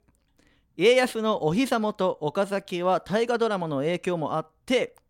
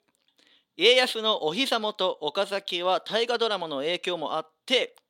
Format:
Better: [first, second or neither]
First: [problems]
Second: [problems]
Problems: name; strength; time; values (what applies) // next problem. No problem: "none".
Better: first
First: none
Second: thin; very slightly; fading below 350 Hz